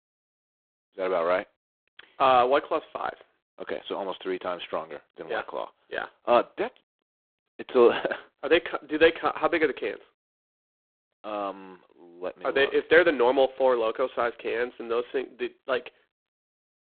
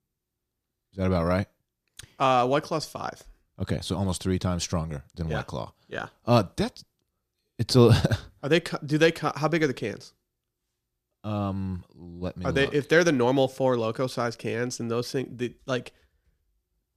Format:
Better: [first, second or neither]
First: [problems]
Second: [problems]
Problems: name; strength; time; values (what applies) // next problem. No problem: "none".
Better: second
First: phone-call audio; poor line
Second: none